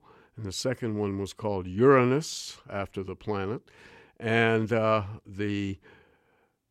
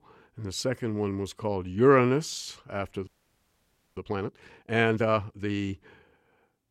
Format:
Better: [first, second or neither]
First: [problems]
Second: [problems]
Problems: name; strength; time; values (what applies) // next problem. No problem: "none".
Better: first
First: none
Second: audio freezing; at 3 s for 1 s